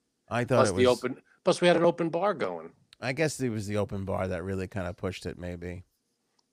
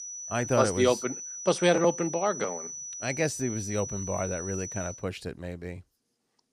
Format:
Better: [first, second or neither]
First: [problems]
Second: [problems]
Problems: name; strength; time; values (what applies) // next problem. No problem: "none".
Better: first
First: none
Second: high-pitched whine; loud; until 5 s; 6 kHz, 7 dB below the speech